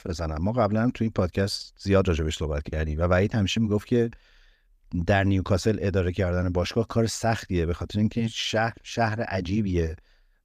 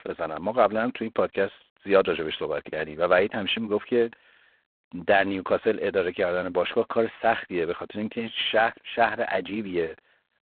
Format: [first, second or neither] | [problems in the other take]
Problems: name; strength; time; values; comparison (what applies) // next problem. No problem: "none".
first | phone-call audio; poor line